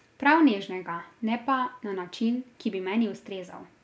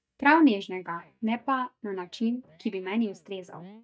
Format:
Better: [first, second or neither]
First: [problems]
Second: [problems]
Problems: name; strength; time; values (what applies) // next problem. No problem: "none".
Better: first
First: none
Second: noise reduction (neural mask model DeepFilterNet 3)